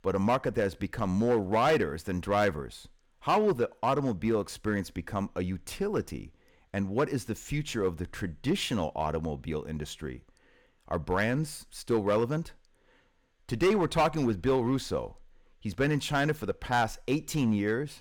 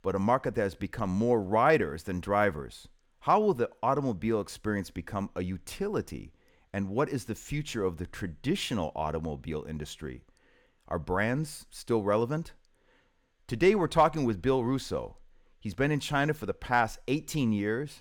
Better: second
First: distortion; slight; 3% of the sound clipped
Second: none

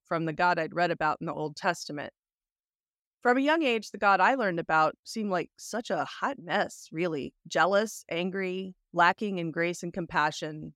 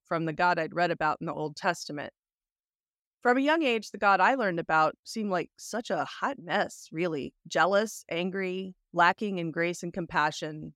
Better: neither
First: none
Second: none

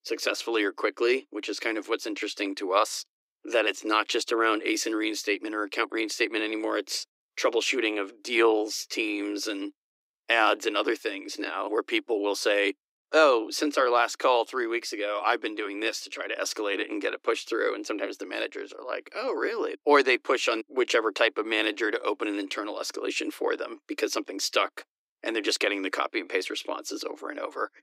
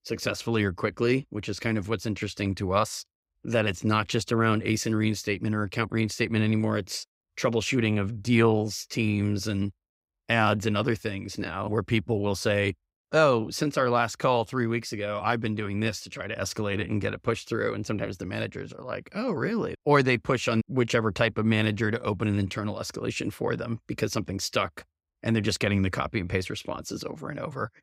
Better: second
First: thin; very; fading below 300 Hz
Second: none

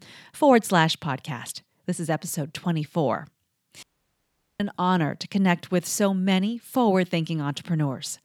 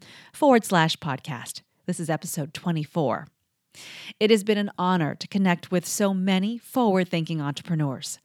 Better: second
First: audio cutting out; at 4 s for 1 s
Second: none

